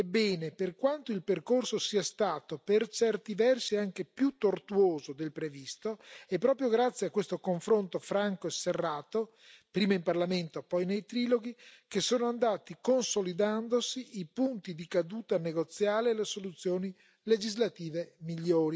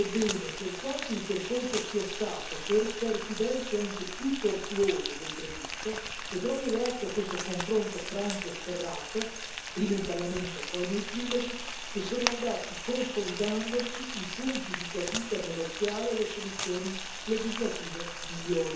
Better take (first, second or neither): first